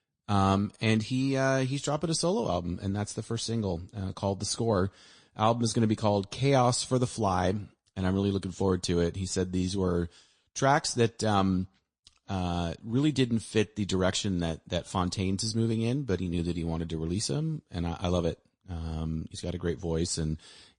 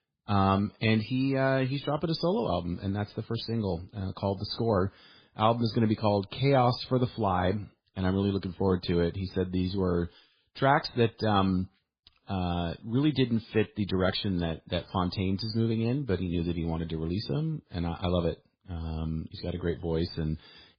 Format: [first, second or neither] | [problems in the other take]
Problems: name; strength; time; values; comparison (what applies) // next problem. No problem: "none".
first | garbled, watery; badly; nothing above 5 kHz; slightly in the first